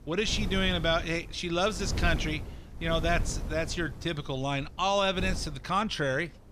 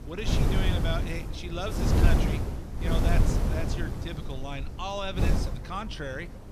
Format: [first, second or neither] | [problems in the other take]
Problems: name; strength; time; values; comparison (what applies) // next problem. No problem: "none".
first | wind noise on the microphone; heavy; 1 dB below the speech; occasional gusts in the first